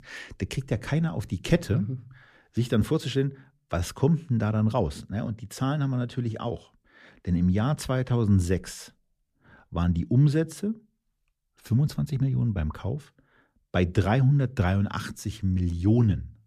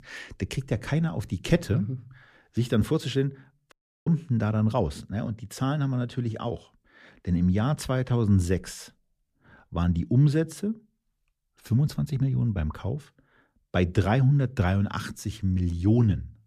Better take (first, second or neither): first